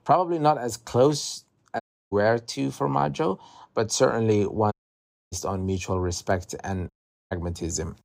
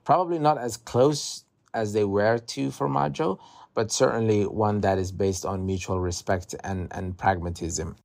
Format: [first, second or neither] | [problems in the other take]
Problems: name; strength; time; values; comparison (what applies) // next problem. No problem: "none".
second | audio cutting out; at 2 s, at 4.5 s for 0.5 s and at 7 s